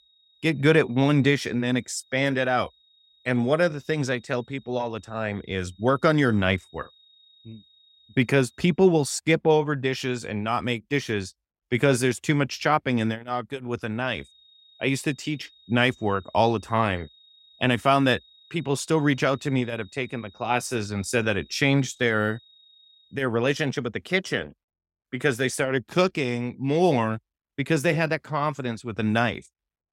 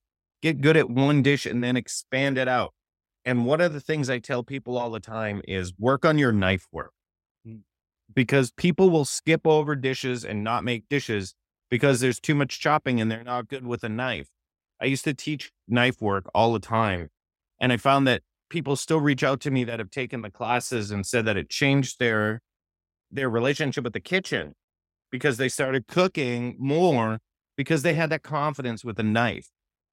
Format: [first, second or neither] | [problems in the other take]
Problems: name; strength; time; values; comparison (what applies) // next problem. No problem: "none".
second | high-pitched whine; faint; until 8.5 s and from 14 to 23 s; 4 kHz, 30 dB below the speech